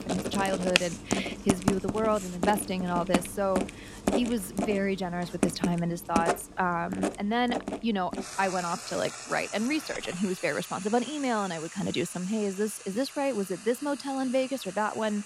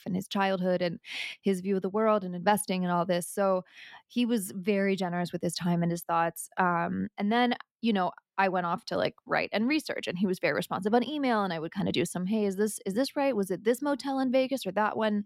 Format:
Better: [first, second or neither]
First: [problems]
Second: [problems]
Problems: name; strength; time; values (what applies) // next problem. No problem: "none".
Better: second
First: household noises; loud; throughout; 4 dB below the speech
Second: none